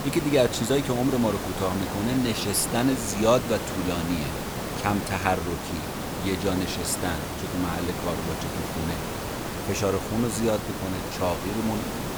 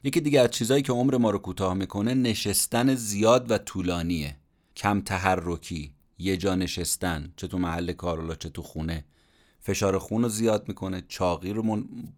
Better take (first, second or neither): second